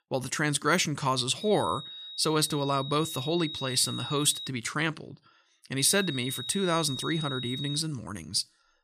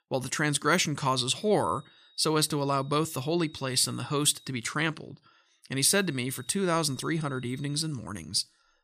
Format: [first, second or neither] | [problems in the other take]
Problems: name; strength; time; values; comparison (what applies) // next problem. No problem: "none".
second | high-pitched whine; loud; from 1.5 to 4.5 s and from 6 to 8 s; 4 kHz, 9 dB below the speech; faint in the second